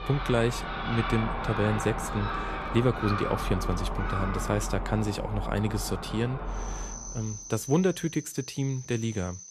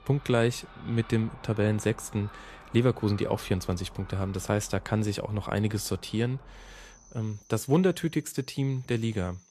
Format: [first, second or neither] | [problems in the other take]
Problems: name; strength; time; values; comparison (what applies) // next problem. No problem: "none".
second | animal sounds; loud; throughout; 5 dB below the speech; faint in the second